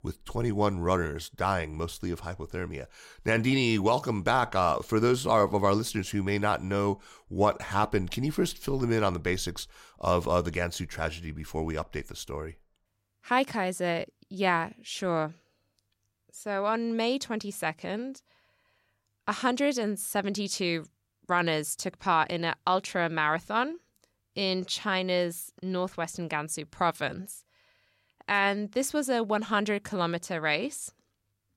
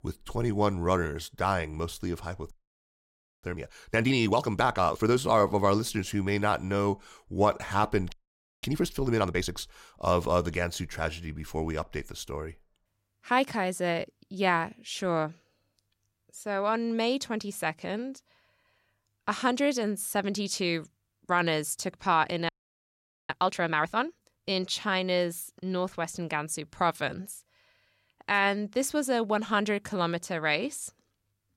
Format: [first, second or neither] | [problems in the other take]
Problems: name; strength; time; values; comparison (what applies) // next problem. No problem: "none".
first | audio freezing; at 2.5 s for 1 s, at 8 s for 0.5 s and at 22 s for 1 s